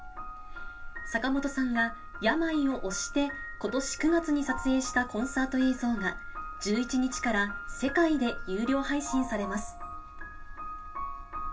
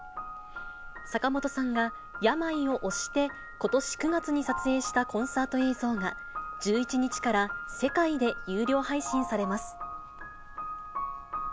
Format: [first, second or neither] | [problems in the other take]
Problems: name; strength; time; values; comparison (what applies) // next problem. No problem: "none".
second | room echo; dies away in 0.2 s